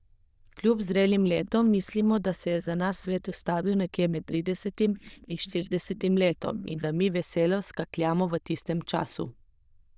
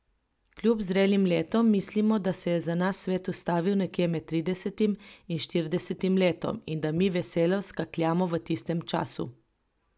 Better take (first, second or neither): second